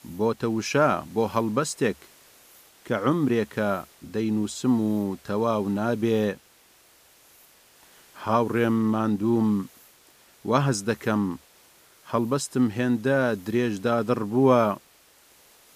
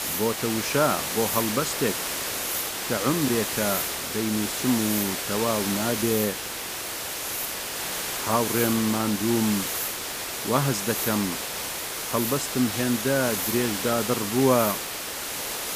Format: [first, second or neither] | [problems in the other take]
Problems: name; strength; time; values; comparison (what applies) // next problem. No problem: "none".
first | hiss; loud; throughout; 1 dB below the speech; faint in the first